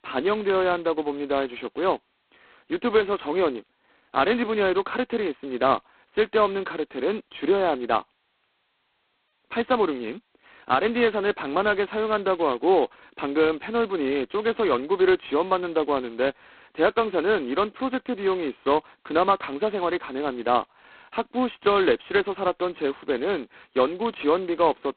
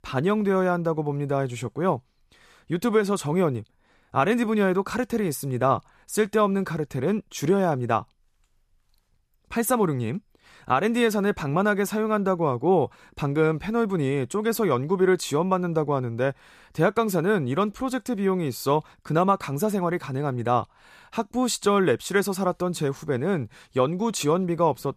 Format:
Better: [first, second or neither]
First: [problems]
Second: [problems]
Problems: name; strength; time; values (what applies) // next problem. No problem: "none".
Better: second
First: phone-call audio; poor line; nothing above 4 kHz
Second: none